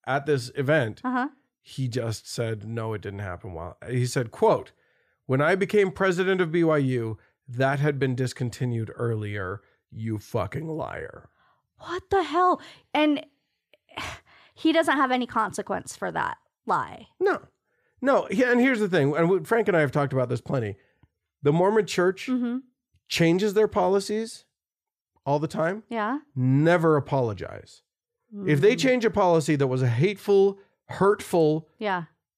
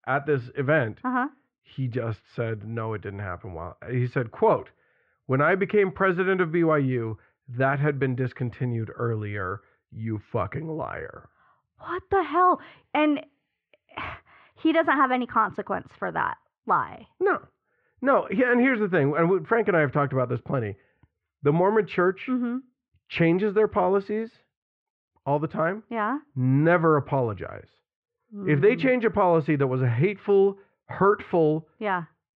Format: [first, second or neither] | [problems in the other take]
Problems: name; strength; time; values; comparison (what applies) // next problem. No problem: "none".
first | muffled; very; fading above 2.5 kHz